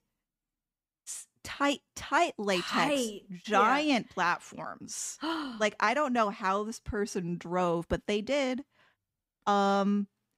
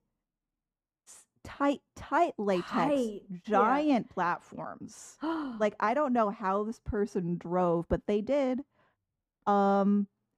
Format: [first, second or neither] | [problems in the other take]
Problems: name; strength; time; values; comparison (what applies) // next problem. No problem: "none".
first | muffled; slightly; fading above 1.5 kHz